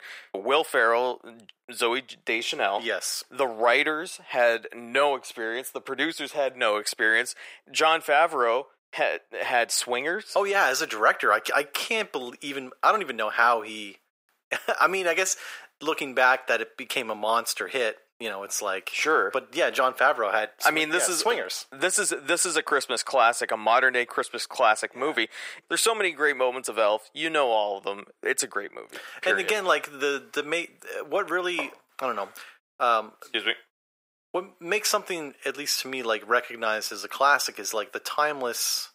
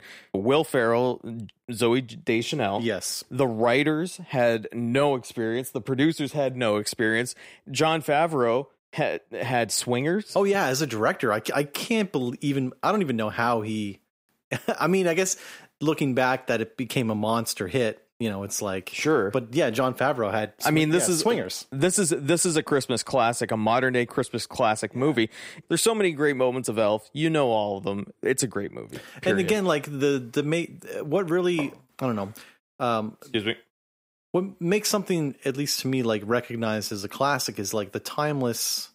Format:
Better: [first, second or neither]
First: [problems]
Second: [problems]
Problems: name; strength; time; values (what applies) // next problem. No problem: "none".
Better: second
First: thin; very; fading below 600 Hz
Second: none